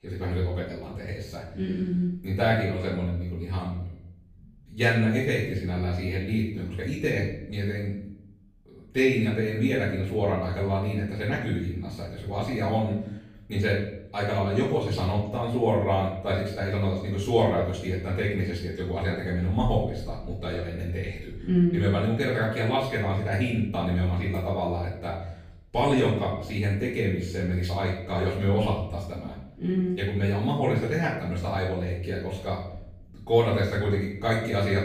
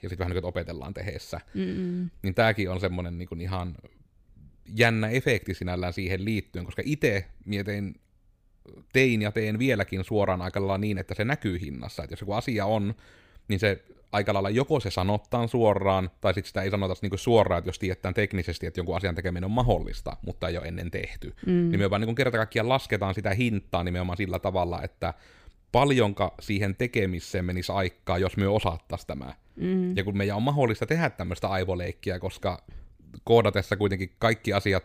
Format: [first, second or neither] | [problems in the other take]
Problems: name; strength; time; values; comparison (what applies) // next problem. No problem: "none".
second | off-mic speech; far // room echo; noticeable; dies away in 0.7 s